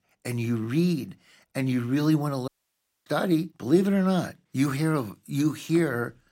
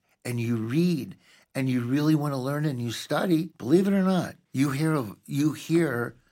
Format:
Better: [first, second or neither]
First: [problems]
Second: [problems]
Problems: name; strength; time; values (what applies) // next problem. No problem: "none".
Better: second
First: audio cutting out; at 2.5 s for 0.5 s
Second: none